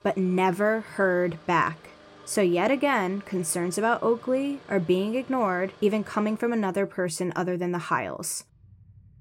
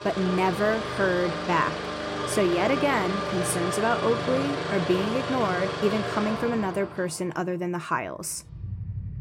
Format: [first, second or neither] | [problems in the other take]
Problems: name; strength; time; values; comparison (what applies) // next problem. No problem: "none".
first | traffic noise; loud; throughout; 4 dB below the speech; faint in the first